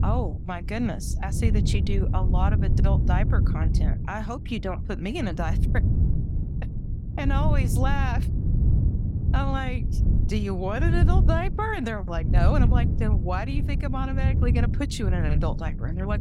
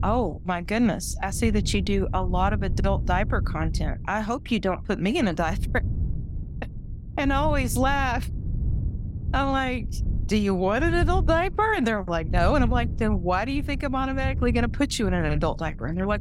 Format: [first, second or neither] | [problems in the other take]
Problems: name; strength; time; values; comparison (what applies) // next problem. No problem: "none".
second | wind noise on the microphone; heavy; 7 dB below the speech; occasional gusts in the second